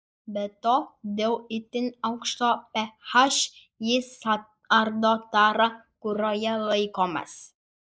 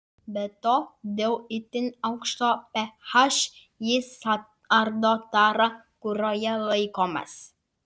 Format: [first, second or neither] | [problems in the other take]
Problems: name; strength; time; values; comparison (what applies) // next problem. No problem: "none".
second | noise reduction (neural mask model Resemble Enhance denoiser)